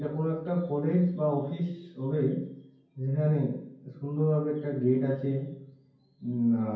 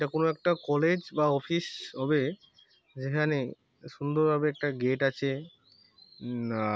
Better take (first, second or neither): second